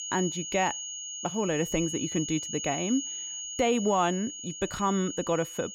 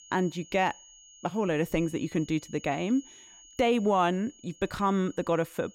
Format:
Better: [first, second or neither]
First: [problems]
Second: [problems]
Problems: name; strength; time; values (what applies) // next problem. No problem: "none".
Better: second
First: high-pitched whine; loud; throughout; 6.5 kHz, 6 dB below the speech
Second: high-pitched whine; faint; throughout; 6.5 kHz, 20 dB below the speech